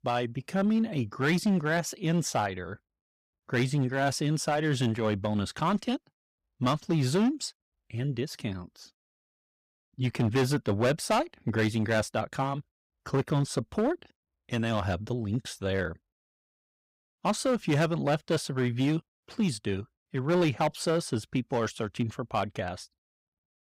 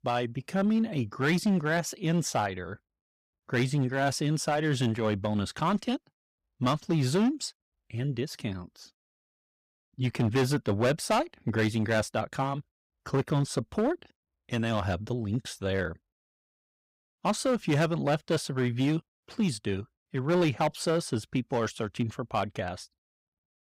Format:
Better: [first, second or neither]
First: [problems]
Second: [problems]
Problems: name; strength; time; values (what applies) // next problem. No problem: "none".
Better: neither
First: distortion; slight; 5% of the sound clipped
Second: distortion; slight; 5% of the sound clipped